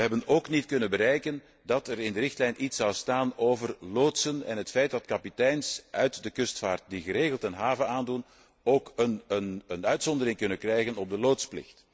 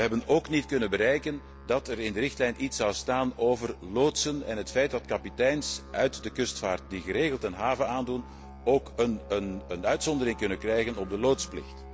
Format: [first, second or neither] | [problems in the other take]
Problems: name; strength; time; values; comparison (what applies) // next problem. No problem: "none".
first | background sound (Musical instrument); 16 dB below the speech